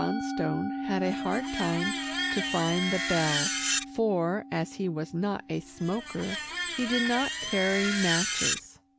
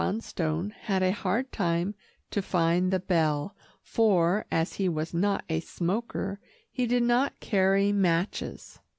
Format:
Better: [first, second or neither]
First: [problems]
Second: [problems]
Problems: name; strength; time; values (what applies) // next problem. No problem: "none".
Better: second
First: background sound (Screech + Musical instrument); 2 dB below the speech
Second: none